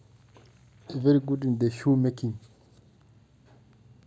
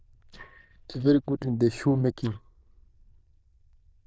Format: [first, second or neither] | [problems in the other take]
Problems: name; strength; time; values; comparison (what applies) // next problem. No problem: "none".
first | noise reduction (neural diffusion model UNIVERSE++)